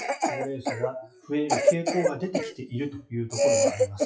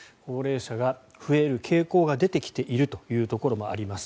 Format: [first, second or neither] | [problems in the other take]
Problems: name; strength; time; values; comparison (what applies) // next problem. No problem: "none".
second | noise reduction (classical method WPE with log-MMSE)